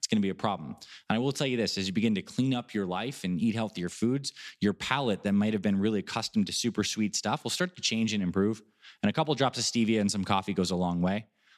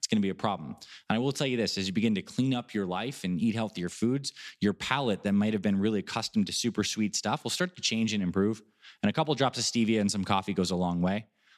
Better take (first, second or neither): neither